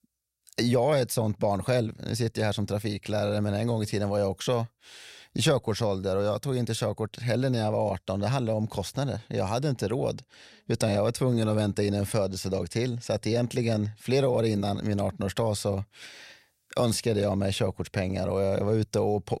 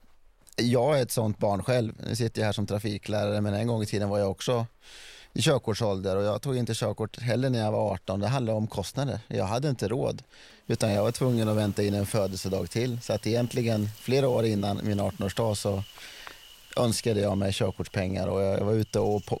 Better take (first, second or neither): first